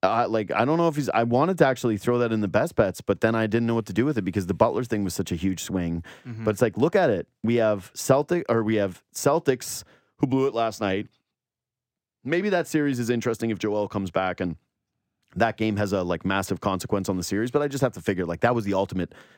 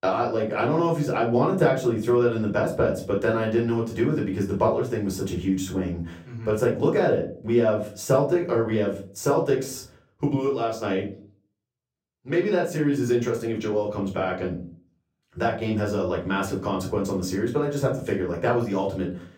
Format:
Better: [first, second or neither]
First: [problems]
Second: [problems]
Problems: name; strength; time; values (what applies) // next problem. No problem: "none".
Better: first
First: none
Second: off-mic speech; far // room echo; slight; dies away in 0.4 s